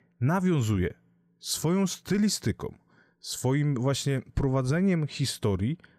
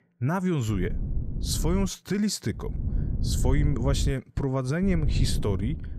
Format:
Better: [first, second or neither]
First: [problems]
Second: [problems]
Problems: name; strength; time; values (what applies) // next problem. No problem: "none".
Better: first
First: none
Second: wind noise on the microphone; occasional gusts; from 0.5 to 2 s, from 2.5 to 4 s and from 5 s on; 10 dB below the speech